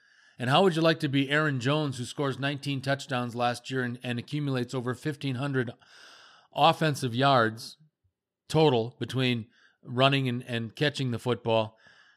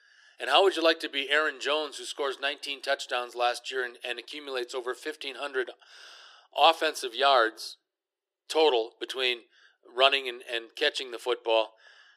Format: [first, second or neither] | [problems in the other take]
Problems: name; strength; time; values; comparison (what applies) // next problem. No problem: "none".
first | thin; very; fading below 350 Hz